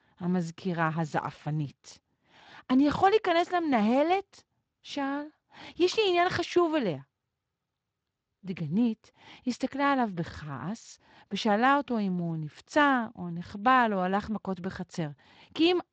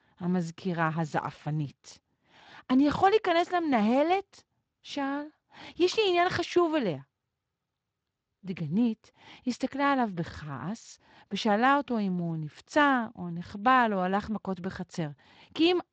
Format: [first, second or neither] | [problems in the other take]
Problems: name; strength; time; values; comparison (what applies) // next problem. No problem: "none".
neither | garbled, watery; slightly; nothing above 8 kHz; the same in both